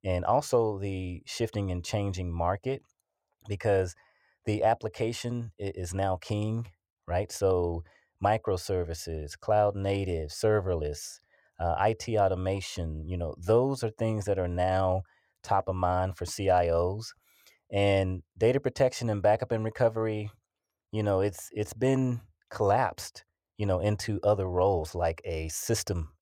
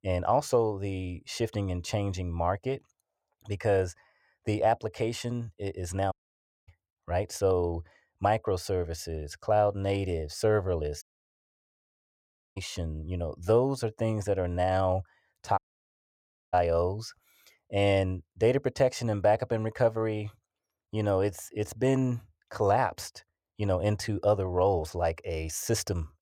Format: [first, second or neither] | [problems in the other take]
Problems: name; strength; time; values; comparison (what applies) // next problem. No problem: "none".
first | audio cutting out; at 6 s for 0.5 s, at 11 s for 1.5 s and at 16 s for 1 s